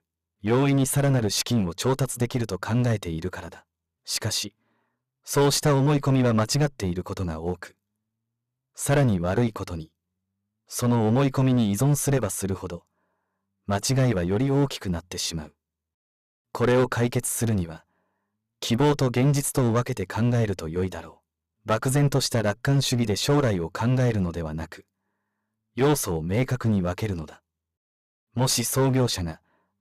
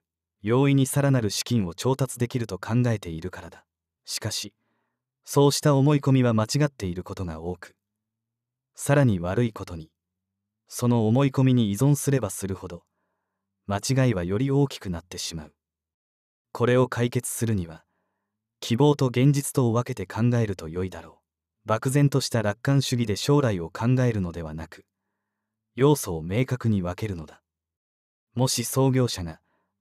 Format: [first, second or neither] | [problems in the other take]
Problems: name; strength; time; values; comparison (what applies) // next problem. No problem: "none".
second | distortion; heavy; 7% of the sound clipped